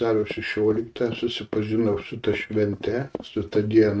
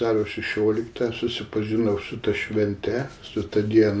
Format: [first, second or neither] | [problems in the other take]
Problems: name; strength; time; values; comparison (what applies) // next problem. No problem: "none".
second | noise reduction (neural mask model RNNoise)